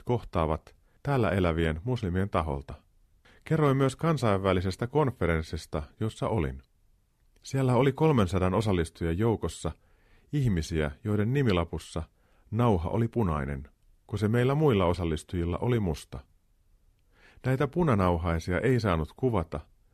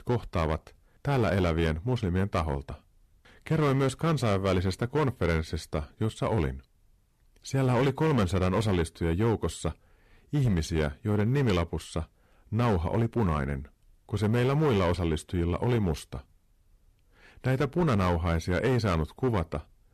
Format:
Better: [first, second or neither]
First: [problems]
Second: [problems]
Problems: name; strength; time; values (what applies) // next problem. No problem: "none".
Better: first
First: none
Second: distortion; slight; 8% of the sound clipped